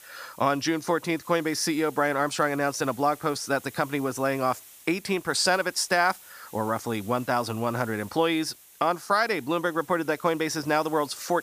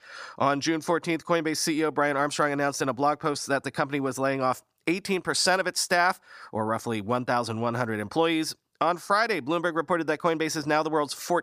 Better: second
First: hiss; faint; throughout; 20 dB below the speech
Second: none

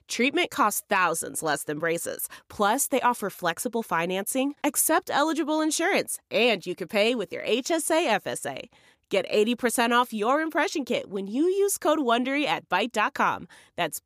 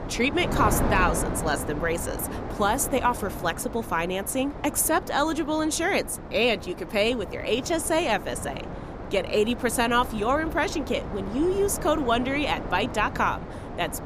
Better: first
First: none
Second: wind noise on the microphone; occasional gusts; 10 dB below the speech

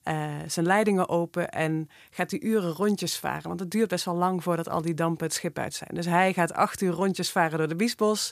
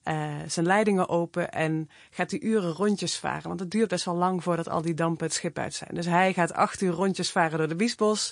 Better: first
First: none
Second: garbled, watery; slightly

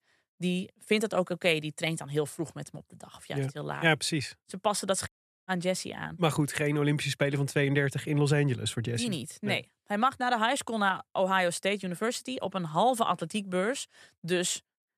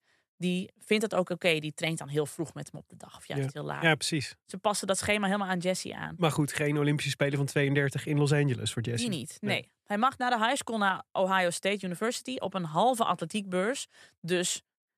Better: second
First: audio cutting out; at 5 s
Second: none

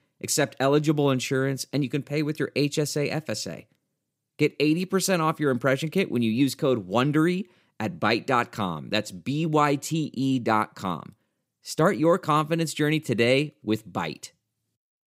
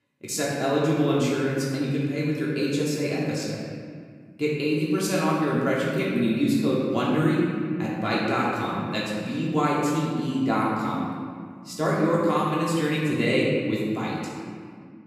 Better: first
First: none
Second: off-mic speech; far // room echo; strong; dies away in 1.9 s

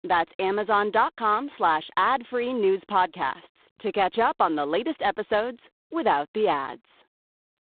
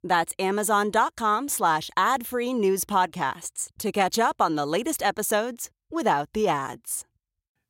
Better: second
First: phone-call audio; poor line; nothing above 4 kHz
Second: none

